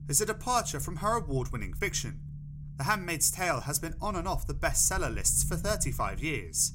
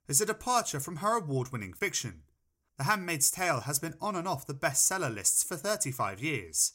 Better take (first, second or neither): second